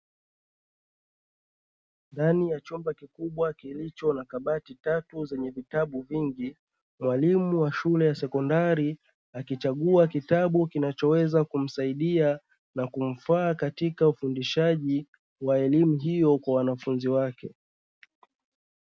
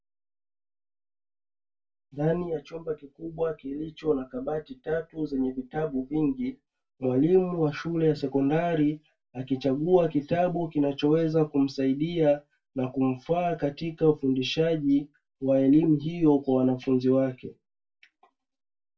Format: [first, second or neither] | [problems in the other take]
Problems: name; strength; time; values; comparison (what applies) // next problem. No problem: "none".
first | room echo; dies away in 0.1 s